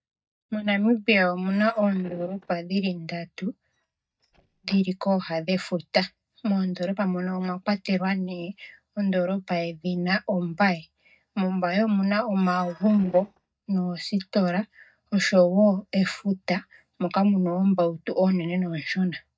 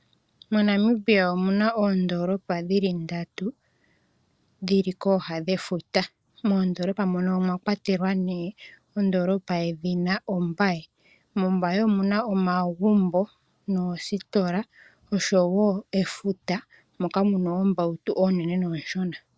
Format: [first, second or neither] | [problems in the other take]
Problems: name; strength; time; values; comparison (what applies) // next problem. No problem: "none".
second | noise reduction (neural mask model DeepFilterNet 3)